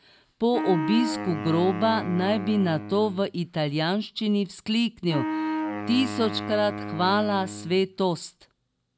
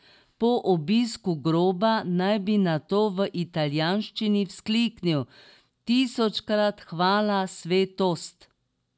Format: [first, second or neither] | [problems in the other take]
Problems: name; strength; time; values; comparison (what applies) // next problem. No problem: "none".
second | background sound (Wind instrument, woodwind instrument); 7 dB below the speech